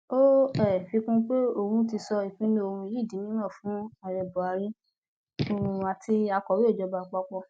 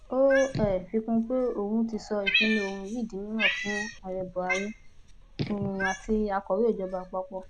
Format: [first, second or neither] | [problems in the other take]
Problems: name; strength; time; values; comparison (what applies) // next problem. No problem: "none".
first | background sound (Cat); 6 dB below the speech